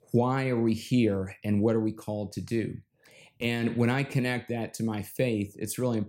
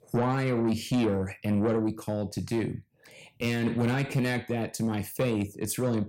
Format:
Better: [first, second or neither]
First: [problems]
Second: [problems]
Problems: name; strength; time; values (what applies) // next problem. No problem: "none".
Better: first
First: none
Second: distortion; slight; 10 dB below the speech